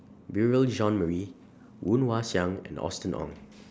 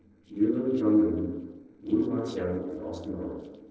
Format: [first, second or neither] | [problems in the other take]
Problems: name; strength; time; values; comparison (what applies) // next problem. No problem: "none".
first | noise reduction (neural separator model SepFormer DNS4)